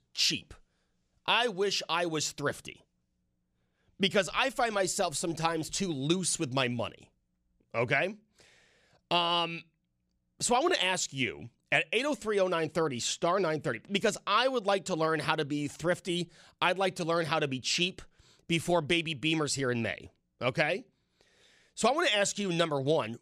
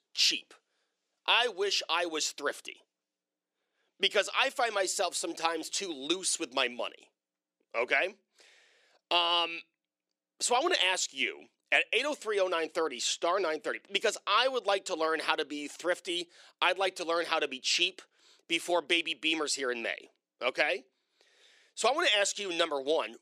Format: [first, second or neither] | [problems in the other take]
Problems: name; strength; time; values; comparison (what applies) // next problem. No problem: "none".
first | thin; somewhat; fading below 300 Hz